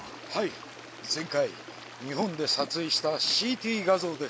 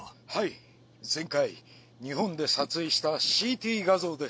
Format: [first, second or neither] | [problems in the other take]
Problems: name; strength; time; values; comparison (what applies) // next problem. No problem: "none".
second | background sound (Stream); 15 dB below the speech